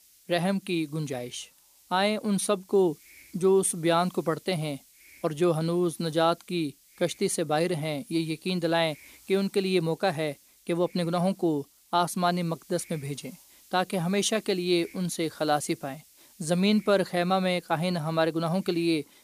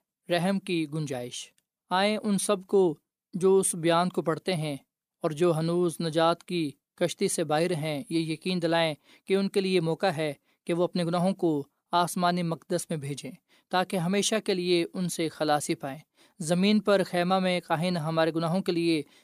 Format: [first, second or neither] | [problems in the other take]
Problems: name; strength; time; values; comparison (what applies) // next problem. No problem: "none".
second | hiss; faint; throughout; 25 dB below the speech